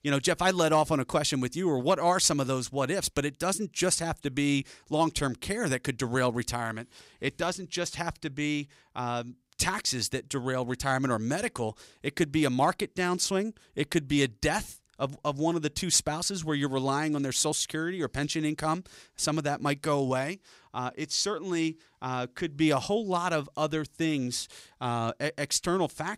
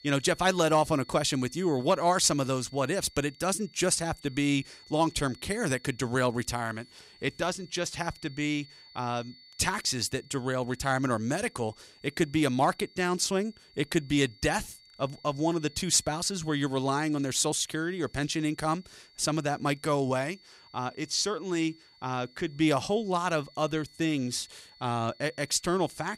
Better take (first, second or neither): first